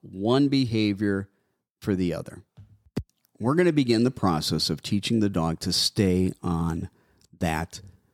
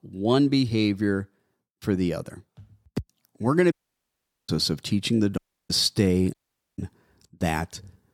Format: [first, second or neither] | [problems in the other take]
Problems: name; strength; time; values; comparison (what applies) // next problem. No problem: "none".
first | audio cutting out; at 3.5 s for 1 s, at 5.5 s and at 6.5 s